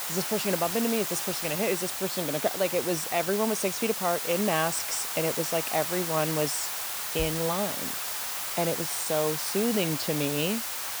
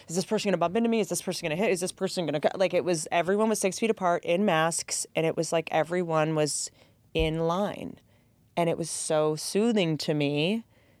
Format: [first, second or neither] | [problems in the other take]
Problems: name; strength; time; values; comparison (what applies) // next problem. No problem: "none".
second | hiss; loud; throughout; 1 dB below the speech